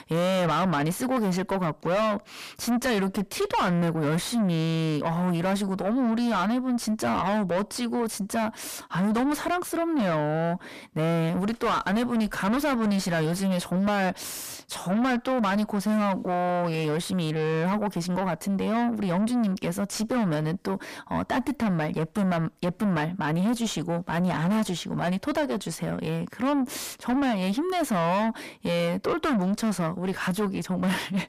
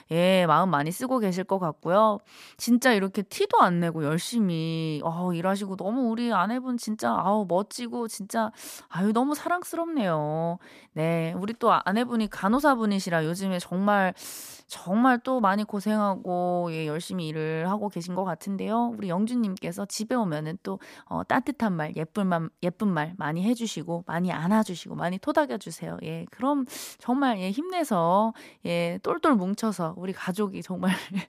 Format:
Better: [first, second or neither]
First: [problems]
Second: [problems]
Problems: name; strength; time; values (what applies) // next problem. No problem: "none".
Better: second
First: distortion; heavy; 5 dB below the speech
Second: none